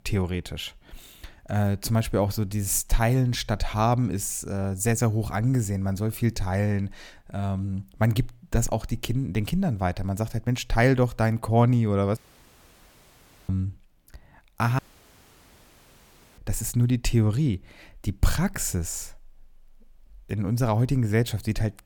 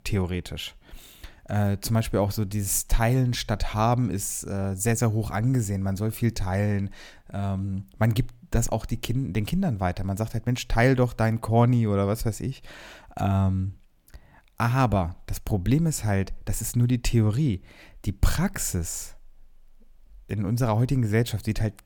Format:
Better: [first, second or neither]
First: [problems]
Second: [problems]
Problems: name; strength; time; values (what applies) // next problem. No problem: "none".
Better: second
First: audio cutting out; at 12 s for 1.5 s and at 15 s for 1.5 s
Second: none